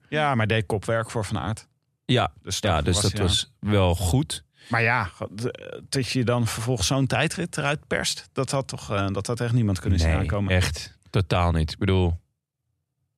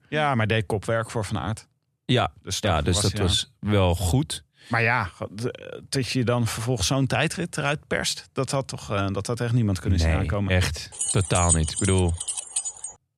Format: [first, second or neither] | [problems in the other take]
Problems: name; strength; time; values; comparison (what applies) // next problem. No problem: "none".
first | jangling keys; loud; from 11 s on; peak 1 dB above the speech